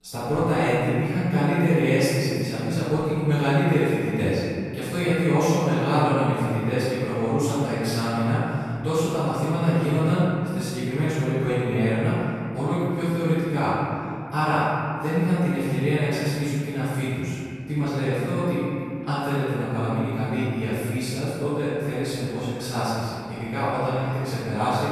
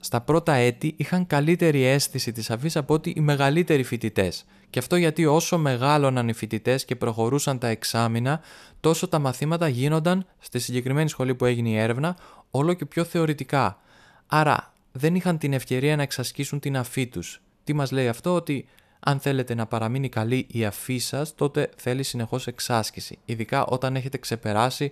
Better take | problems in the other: second | room echo; strong; dies away in 2.4 s // off-mic speech; far

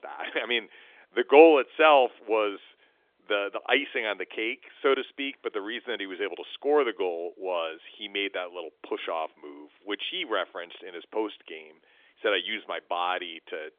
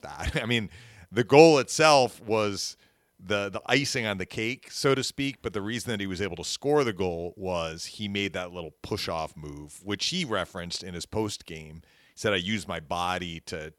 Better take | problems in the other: second | phone-call audio; nothing above 3.5 kHz

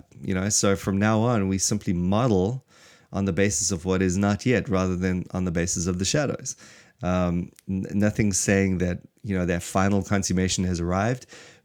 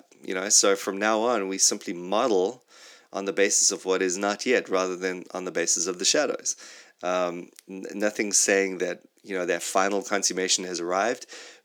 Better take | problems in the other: first | thin; somewhat; fading below 300 Hz

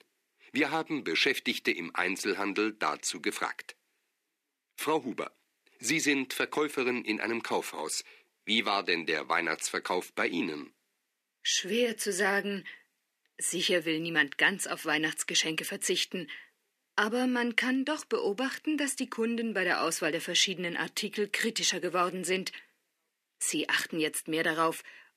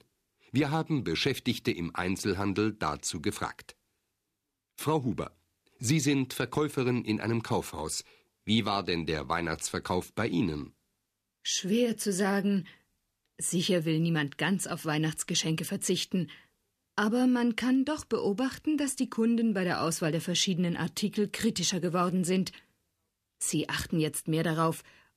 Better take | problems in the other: second | thin; somewhat; fading below 300 Hz

